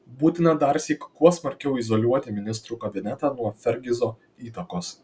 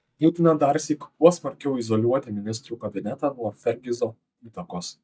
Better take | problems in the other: first | noise reduction (neural mask model DeepFilterNet 3)

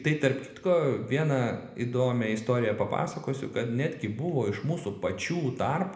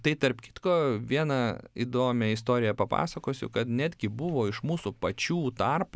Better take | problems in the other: second | room echo; dies away in 0.7 s

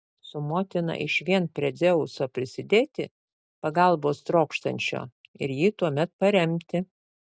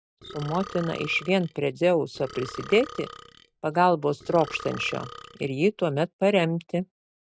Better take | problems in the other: first | background sound (Burping, eructation); 16 dB below the speech

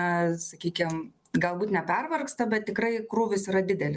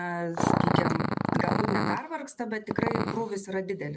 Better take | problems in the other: first | background sound (Growling); 5 dB above the speech

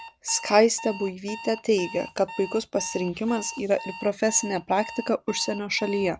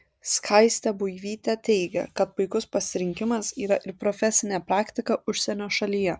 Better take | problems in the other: second | background sound (Alarm); 15 dB below the speech

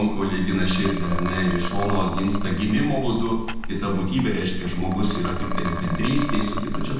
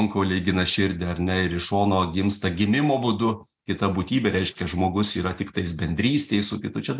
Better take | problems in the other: second | background sound (Liquid); 3 dB below the speech // room echo; dies away in 0.9 s

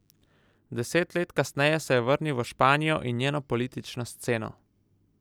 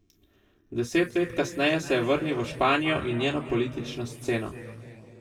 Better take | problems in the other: first | room echo; dies away in 2.2 s

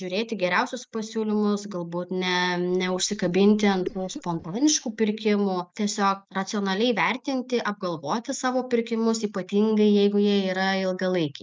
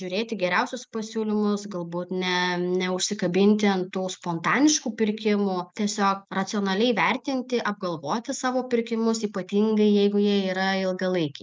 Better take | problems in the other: second | noise reduction (neural mask model DeepFilterNet 3)

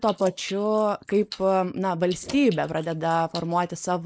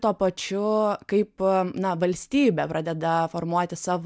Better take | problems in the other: second | noise reduction (neural mask model Resemble Enhance denoiser)

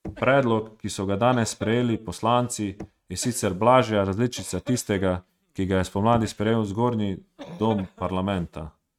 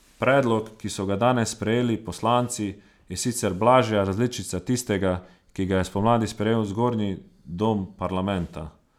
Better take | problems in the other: second | noise reduction (neural mask model RNNoise)

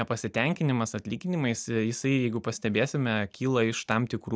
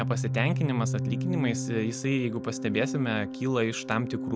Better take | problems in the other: first | background sound (Organ); 3 dB below the speech

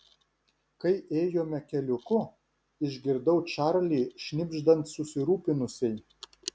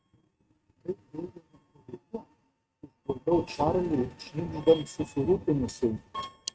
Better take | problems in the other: first | noise reduction (neural mask model RNNoise)

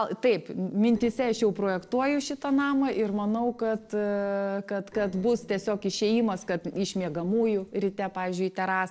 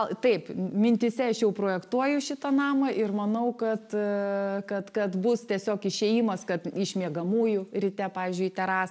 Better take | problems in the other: second | noise reduction (neural separator model SepFormer DNS4)

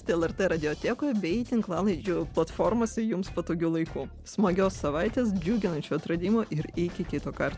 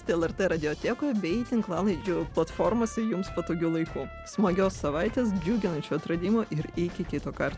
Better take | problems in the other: first | background sound (Trumpet); 20 dB below the speech

